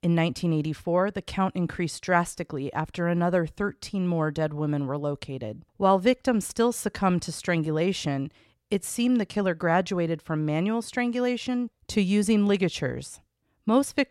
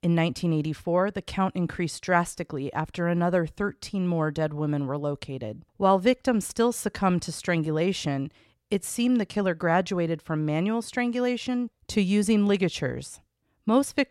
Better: neither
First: none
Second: none

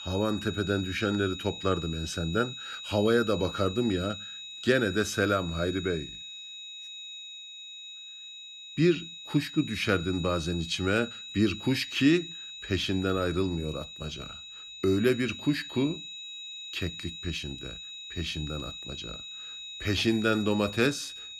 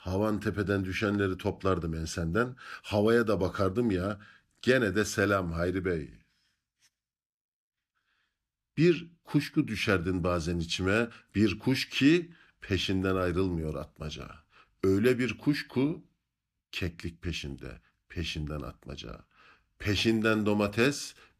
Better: second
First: high-pitched whine; noticeable; throughout; 4 kHz, 10 dB below the speech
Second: none

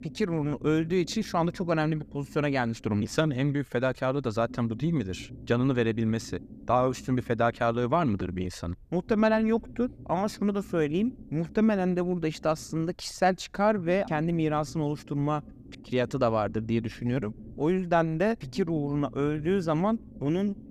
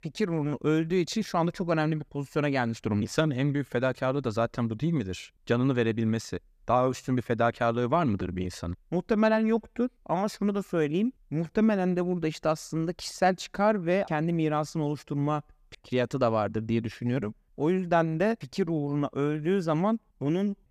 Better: second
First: low rumble; faint; throughout; 25 dB below the speech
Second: none

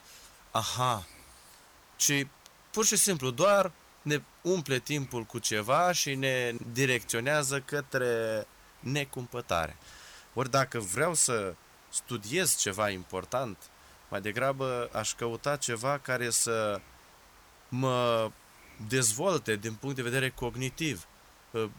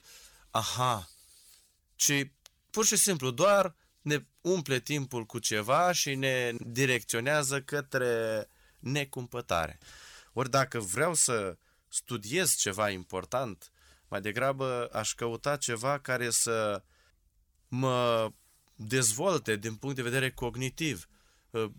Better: second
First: hiss; faint; throughout; 25 dB below the speech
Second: none

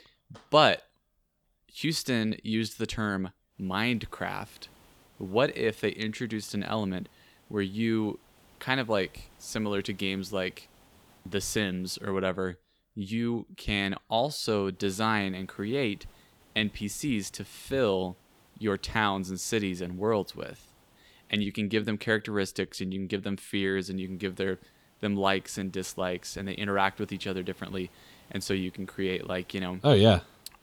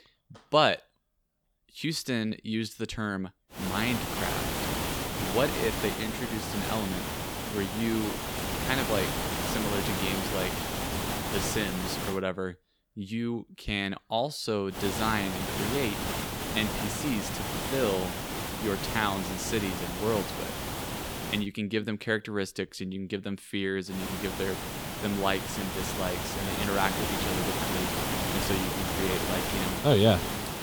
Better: first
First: hiss; faint; from 3.5 to 12 s, from 15 to 21 s and from 24 s on; 30 dB below the speech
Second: hiss; loud; from 3.5 to 12 s, from 15 to 21 s and from 24 s on; 1 dB below the speech

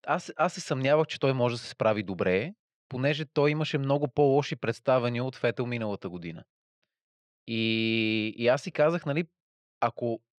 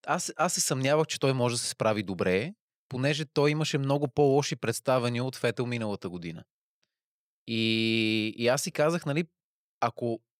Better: second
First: muffled; slightly; fading above 3 kHz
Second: none

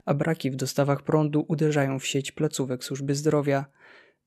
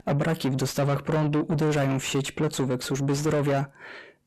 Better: first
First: none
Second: distortion; heavy; 6 dB below the speech

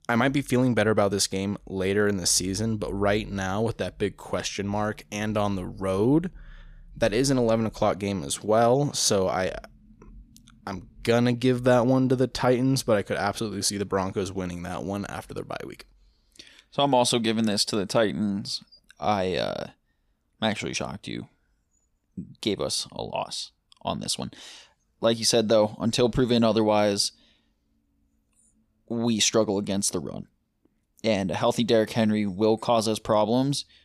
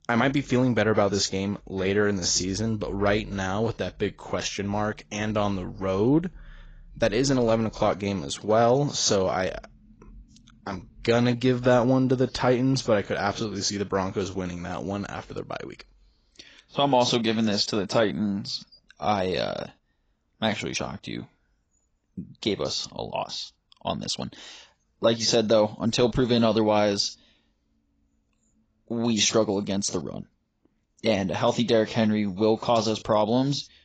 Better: first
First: none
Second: garbled, watery; badly; nothing above 7.5 kHz

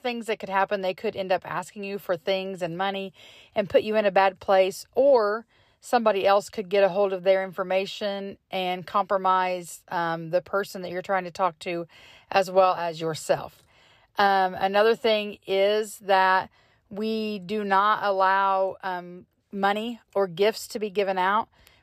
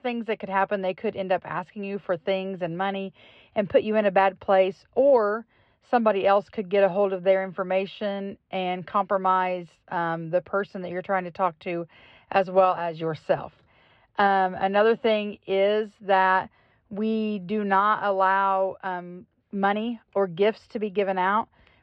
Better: first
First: none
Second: muffled; slightly; fading above 3 kHz

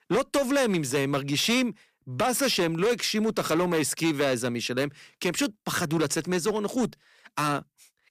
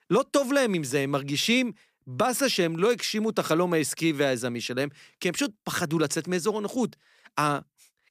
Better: second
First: distortion; slight; 9% of the sound clipped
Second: none

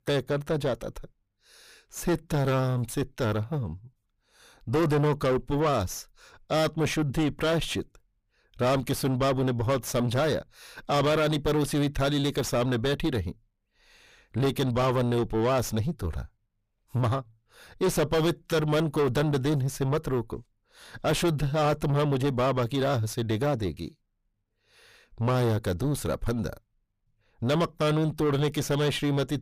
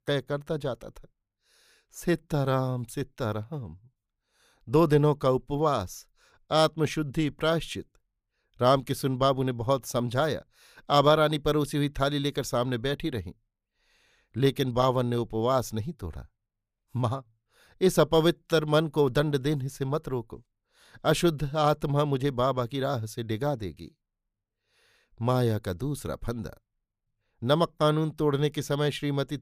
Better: second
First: distortion; heavy; 5 dB below the speech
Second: none

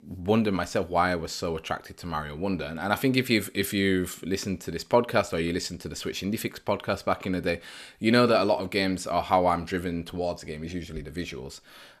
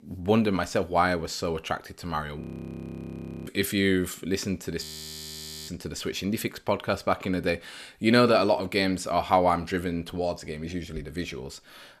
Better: first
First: none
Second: audio freezing; at 2.5 s for 1 s and at 5 s for 1 s

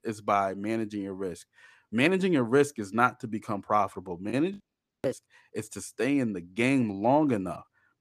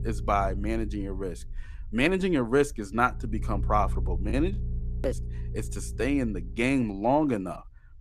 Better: first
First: none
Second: low rumble; faint; throughout; 20 dB below the speech

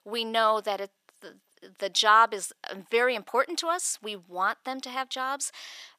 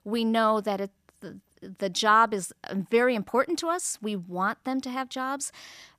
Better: second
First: thin; somewhat; fading below 500 Hz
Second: none

